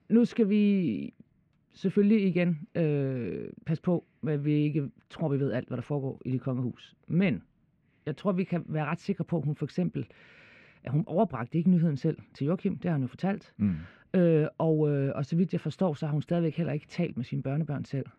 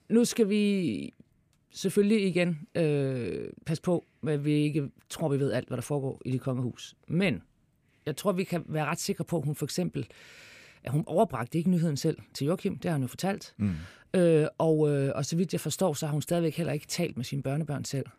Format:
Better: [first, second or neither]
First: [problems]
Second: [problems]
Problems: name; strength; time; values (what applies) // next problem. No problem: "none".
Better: second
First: muffled; slightly; fading above 2.5 kHz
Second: none